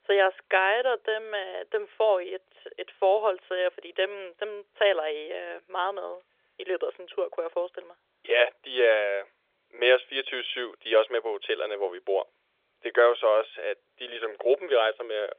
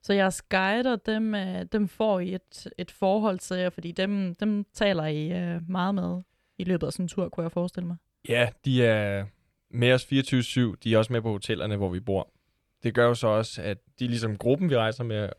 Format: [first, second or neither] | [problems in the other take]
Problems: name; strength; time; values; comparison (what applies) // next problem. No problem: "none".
second | phone-call audio; nothing above 3.5 kHz